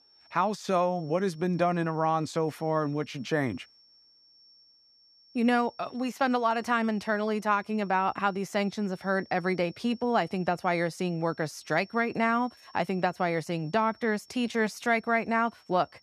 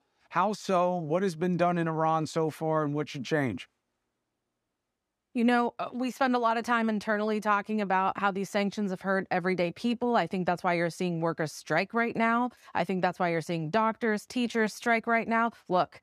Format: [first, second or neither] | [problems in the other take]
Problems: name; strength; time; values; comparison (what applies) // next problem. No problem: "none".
second | high-pitched whine; faint; throughout; 5.5 kHz, 25 dB below the speech